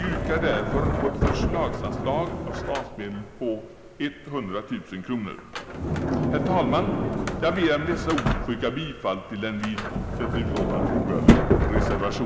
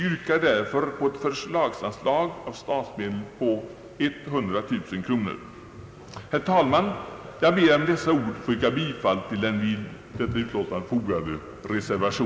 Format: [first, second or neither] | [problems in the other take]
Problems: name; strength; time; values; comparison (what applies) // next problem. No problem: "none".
second | background sound (Sliding door); 3 dB above the speech